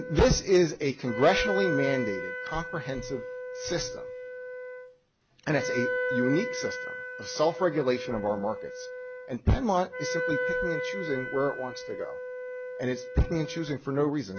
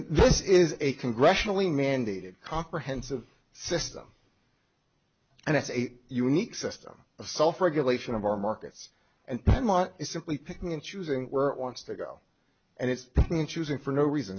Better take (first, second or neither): second